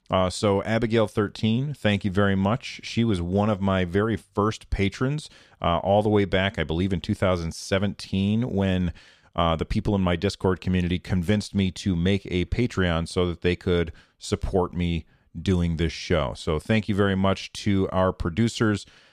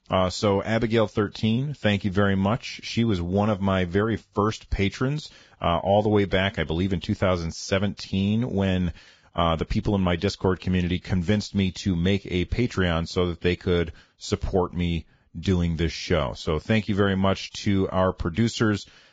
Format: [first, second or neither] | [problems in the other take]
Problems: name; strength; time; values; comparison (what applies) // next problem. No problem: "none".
first | garbled, watery; badly; nothing above 7.5 kHz